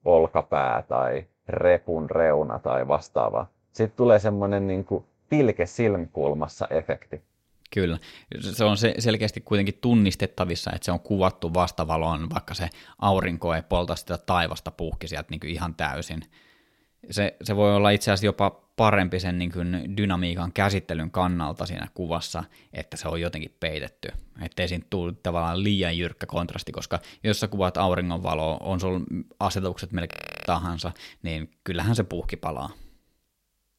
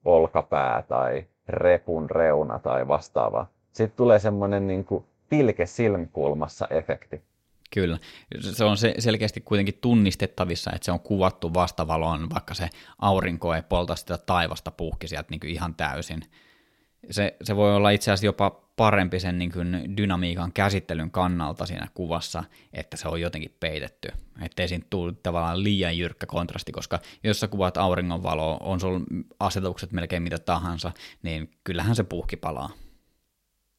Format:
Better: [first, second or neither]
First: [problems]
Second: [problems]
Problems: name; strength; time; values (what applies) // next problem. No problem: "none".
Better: second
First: audio freezing; at 30 s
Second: none